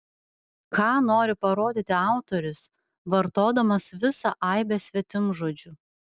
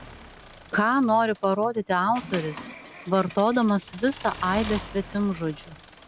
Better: first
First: none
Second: background sound (Accelerating, revving, vroom / Mechanisms); 16 dB below the speech

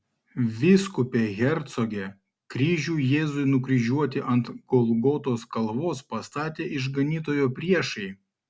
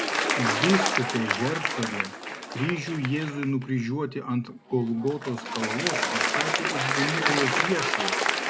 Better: first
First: none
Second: background sound (Applause); 1 dB above the speech

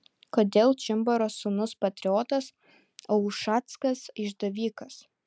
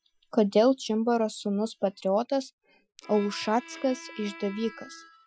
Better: first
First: none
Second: noise reduction (classical method Wiener filter)

